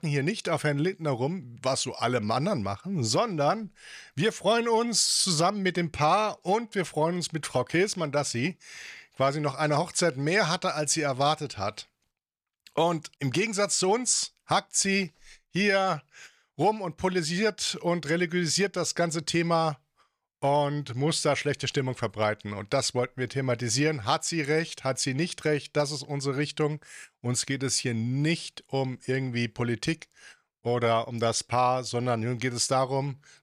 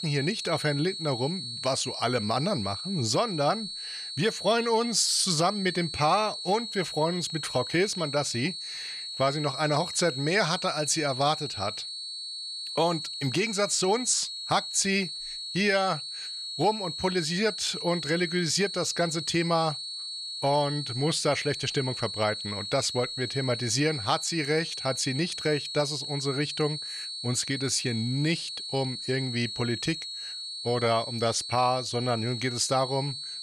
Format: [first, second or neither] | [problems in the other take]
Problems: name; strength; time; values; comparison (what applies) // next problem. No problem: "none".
first | high-pitched whine; loud; throughout; 4.5 kHz, 6 dB below the speech